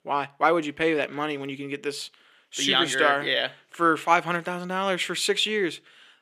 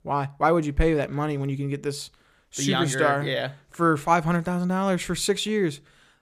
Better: second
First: thin; somewhat; fading below 300 Hz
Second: none

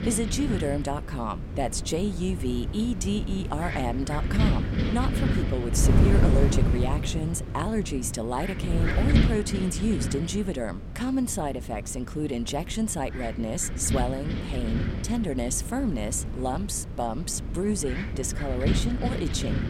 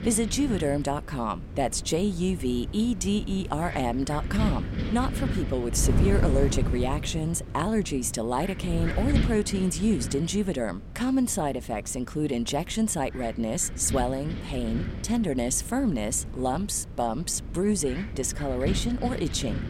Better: second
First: wind noise on the microphone; heavy; 5 dB below the speech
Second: wind noise on the microphone; occasional gusts; 10 dB below the speech

